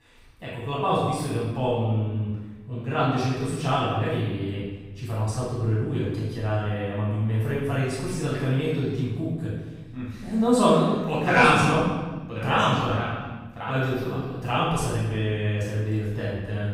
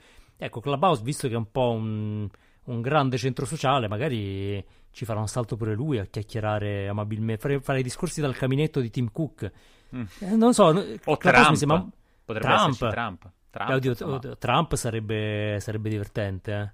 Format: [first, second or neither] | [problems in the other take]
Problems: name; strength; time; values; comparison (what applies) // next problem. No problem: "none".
second | off-mic speech; far // room echo; strong; dies away in 1.1 s